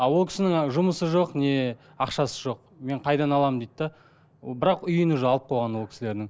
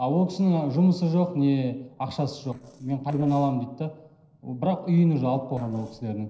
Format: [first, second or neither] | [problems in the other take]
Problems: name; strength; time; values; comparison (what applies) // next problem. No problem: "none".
first | noise reduction (neural separator model SepFormer DNS4)